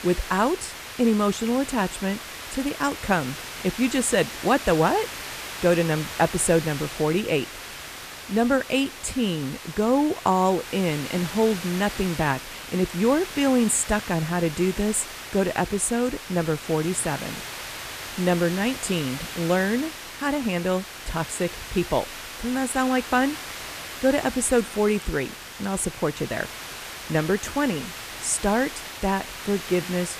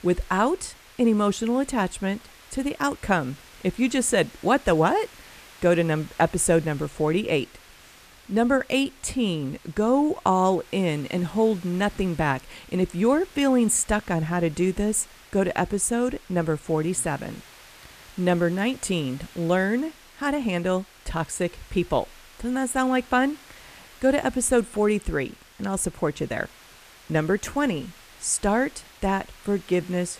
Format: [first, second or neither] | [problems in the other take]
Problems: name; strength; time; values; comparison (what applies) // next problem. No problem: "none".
second | hiss; loud; throughout; 10 dB below the speech; faint in the second